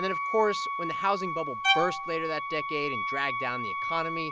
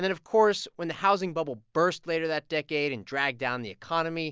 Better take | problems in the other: second | background sound (Bowed string instrument + Wind instrument, woodwind instrument); as loud as the speech

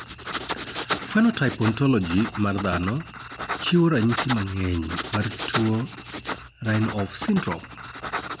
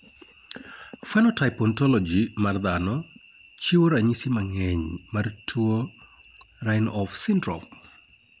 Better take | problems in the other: second | background sound (Writing); 8 dB below the speech

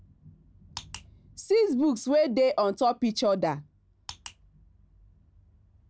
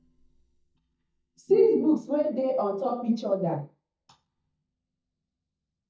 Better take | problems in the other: first | noise reduction (neural mask model DeepFilterNet 3)

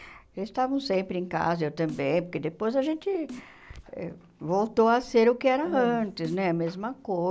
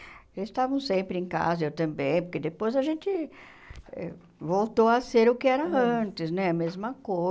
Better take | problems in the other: second | background sound (Snare drum); 19 dB below the speech

